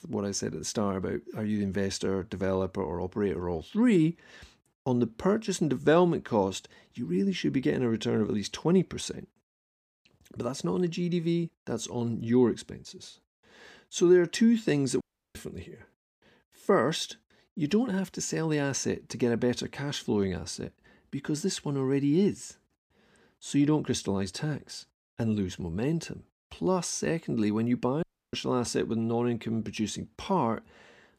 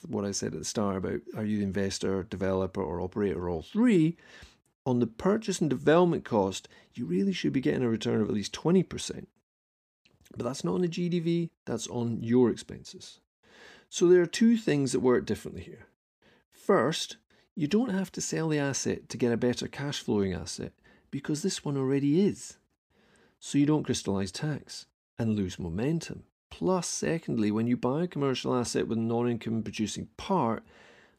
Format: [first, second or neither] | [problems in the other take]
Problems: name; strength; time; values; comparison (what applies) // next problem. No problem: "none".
second | audio cutting out; at 15 s and at 28 s